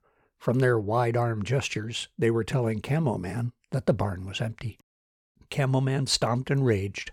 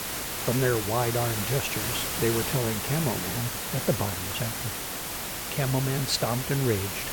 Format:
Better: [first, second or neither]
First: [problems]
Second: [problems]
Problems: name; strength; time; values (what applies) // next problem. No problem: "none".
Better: first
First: none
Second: hiss; loud; throughout; 1 dB below the speech